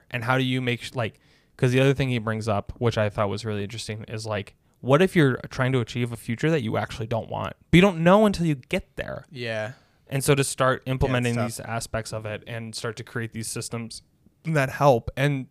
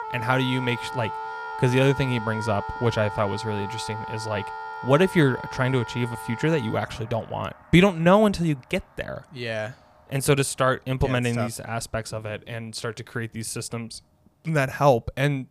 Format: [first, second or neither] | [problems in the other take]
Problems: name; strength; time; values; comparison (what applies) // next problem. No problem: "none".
first | background music; loud; throughout; 10 dB below the speech